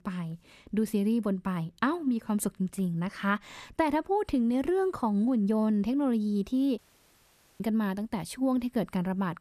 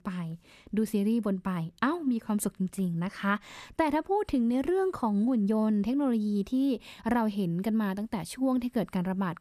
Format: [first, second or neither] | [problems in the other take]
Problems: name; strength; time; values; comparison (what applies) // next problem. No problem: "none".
second | audio cutting out; at 7 s for 1 s